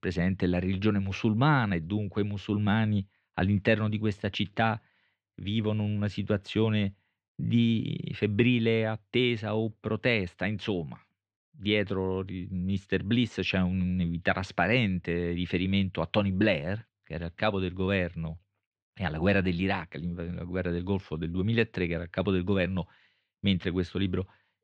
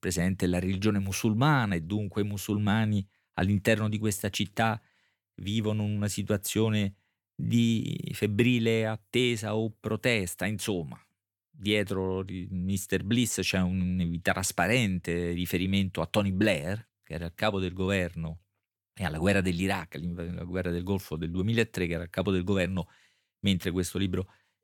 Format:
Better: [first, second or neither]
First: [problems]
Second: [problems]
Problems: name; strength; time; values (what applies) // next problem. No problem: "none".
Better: second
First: muffled; slightly; fading above 4 kHz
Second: none